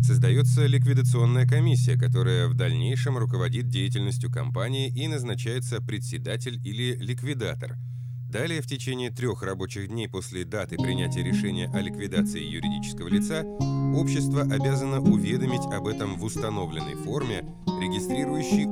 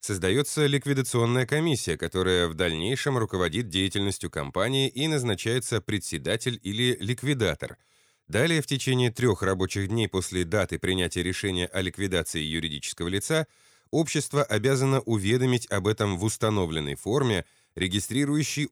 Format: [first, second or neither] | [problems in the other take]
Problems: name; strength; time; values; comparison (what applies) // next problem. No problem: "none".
second | background music; very loud; throughout; 5 dB above the speech